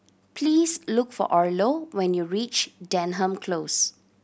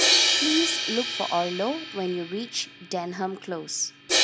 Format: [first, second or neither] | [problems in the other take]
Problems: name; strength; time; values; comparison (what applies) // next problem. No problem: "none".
first | background sound (Crash cymbal); 3 dB above the speech